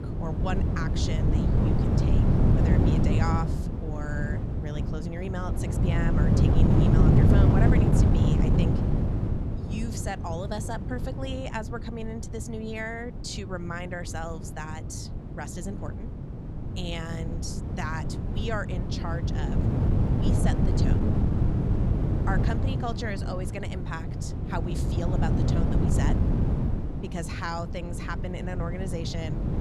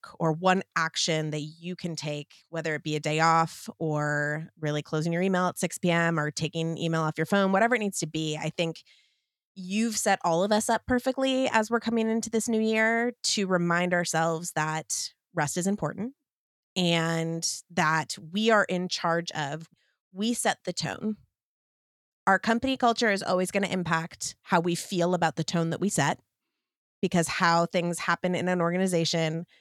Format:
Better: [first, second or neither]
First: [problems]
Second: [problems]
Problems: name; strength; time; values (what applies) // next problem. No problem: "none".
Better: second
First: wind noise on the microphone; heavy; 1 dB above the speech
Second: none